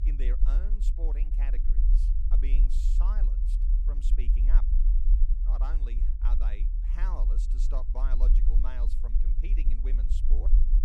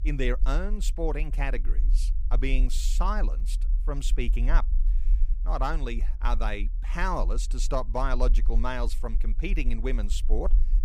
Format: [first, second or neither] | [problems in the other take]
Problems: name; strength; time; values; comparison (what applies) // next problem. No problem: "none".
second | low rumble; loud; throughout; 5 dB below the speech; faint in the second